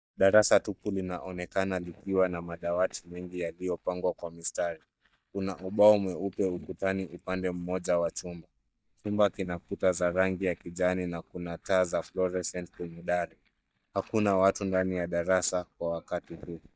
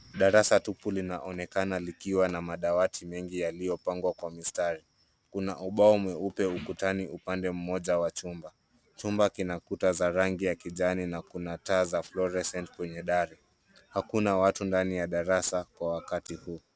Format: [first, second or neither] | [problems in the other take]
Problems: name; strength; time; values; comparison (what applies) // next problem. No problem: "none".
second | noise reduction (neural mask model DeepFilterNet 3)